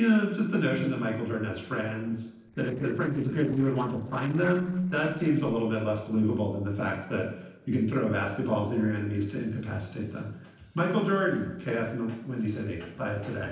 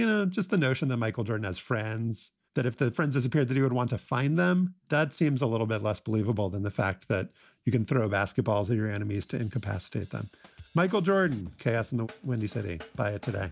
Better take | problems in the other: second | noise reduction (neural separator model SepFormer DNS4)

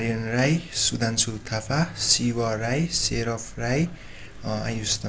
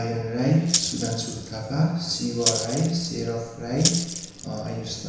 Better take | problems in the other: first | background sound (Rattle (instrument)); 4 dB below the speech // room echo; dies away in 1 s

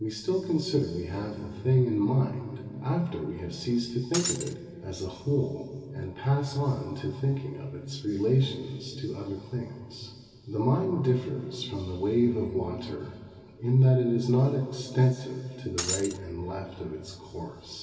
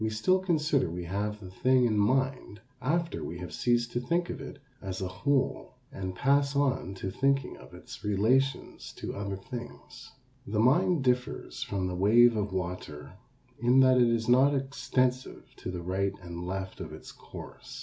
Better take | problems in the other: second | background sound (Shatter); 4 dB below the speech // room echo; dies away in 2.6 s

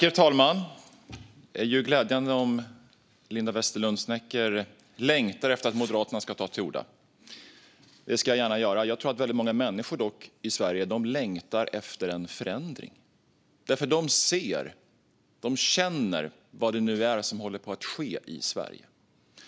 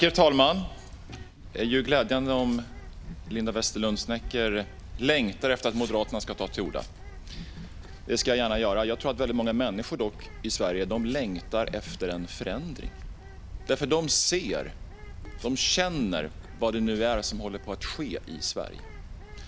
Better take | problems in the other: first | background sound (Bird); 12 dB below the speech

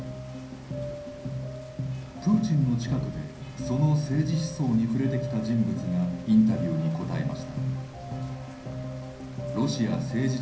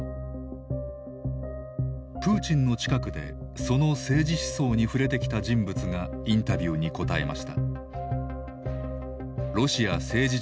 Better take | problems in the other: second | background sound (Rain); 19 dB below the speech // room echo; dies away in 0.6 s

